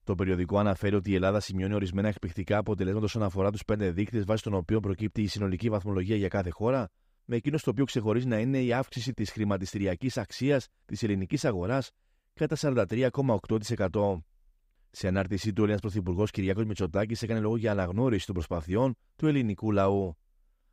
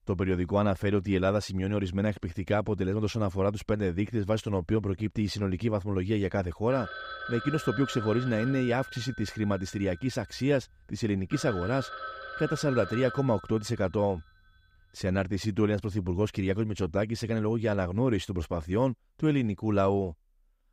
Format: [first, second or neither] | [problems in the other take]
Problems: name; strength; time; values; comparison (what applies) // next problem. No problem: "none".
first | phone ringing; noticeable; from 6.5 to 14 s; peak 8 dB below the speech